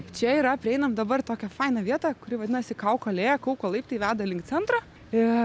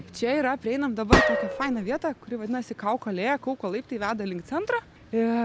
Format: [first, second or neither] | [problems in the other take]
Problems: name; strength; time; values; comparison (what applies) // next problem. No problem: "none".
first | background sound (Gunshot, gunfire); 3 dB above the speech